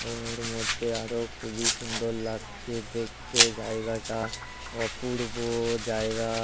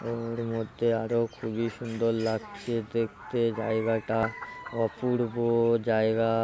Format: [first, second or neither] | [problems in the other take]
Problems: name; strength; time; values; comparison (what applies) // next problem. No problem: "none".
second | background sound (Domestic sounds, home sounds); 1 dB below the speech